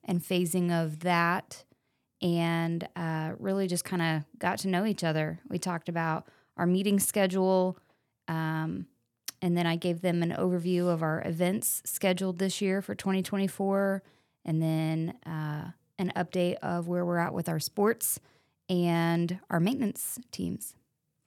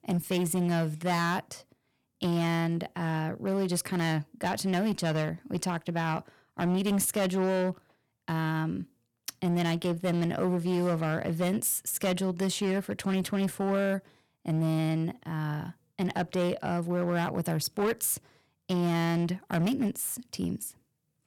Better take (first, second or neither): first